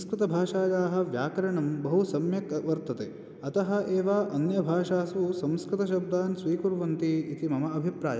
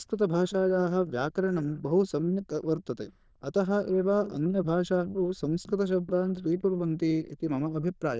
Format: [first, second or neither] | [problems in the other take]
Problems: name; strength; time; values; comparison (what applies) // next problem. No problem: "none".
first | noise reduction (neural diffusion model UNIVERSE++)